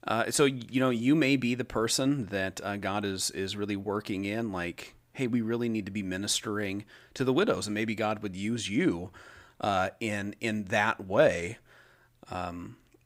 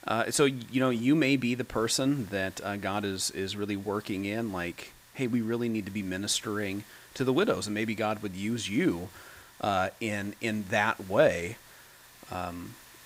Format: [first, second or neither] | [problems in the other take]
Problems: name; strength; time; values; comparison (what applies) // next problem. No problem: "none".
first | hiss; faint; throughout; 25 dB below the speech